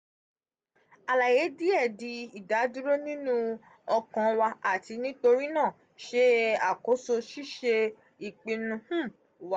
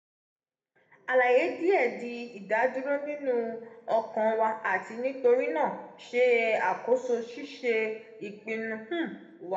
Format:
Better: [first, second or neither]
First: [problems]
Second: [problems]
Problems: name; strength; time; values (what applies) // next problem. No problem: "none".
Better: first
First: none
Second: room echo; dies away in 0.9 s